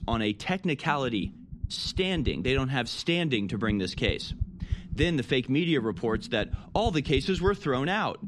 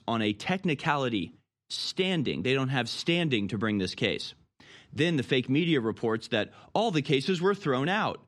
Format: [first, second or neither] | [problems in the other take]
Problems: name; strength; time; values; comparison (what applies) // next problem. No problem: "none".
second | low rumble; faint; throughout; 20 dB below the speech